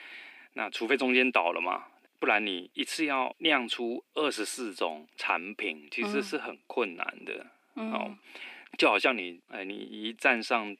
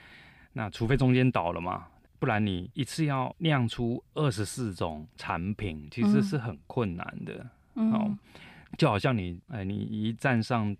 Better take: second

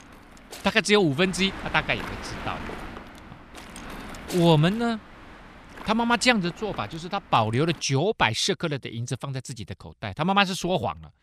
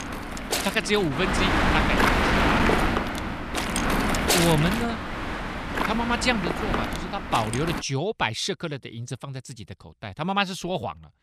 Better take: first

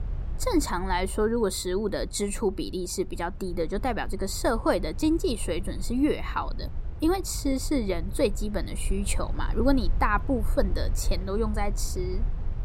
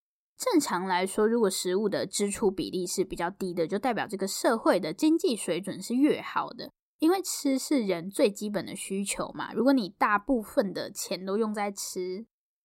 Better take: second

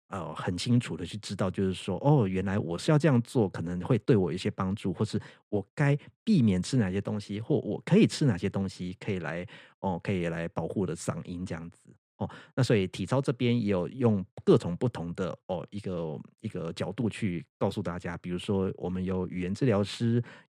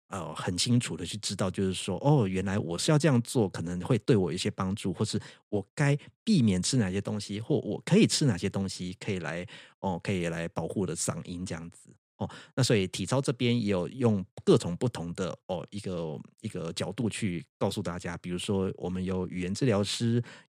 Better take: second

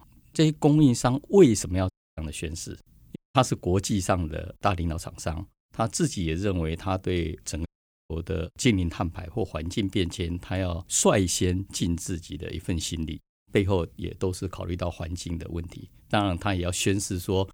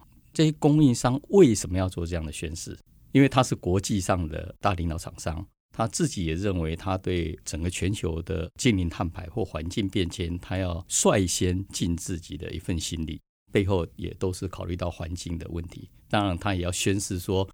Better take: second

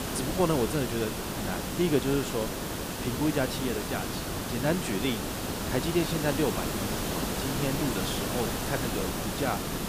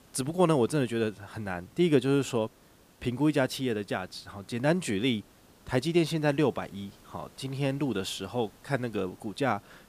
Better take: second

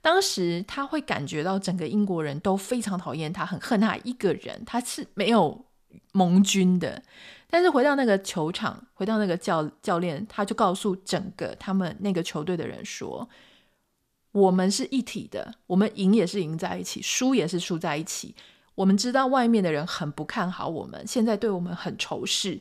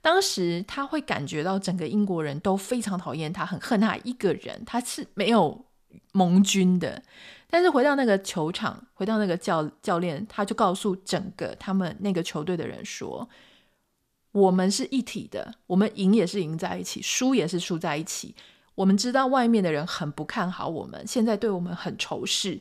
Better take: neither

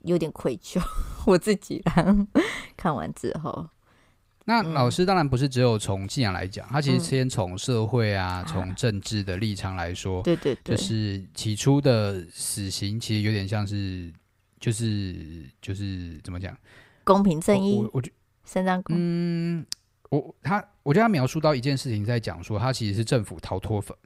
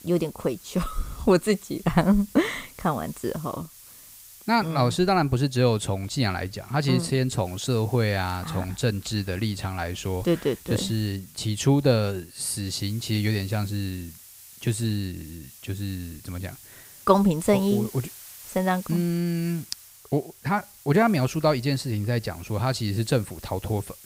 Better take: first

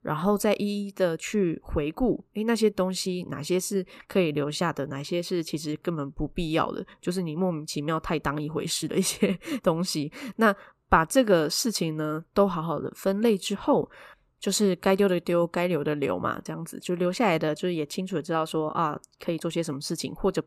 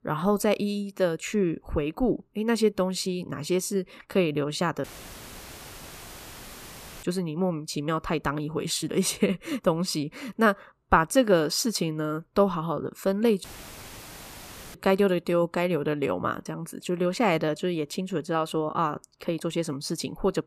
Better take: first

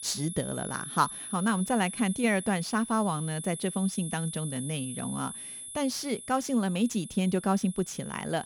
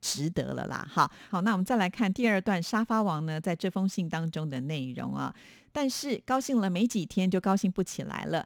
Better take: second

